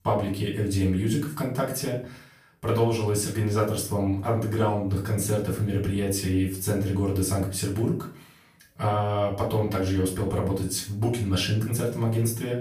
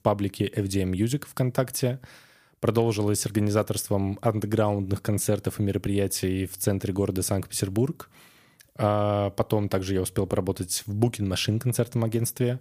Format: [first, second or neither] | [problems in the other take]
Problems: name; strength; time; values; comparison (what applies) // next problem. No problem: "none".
second | off-mic speech; far // room echo; slight; dies away in 0.4 s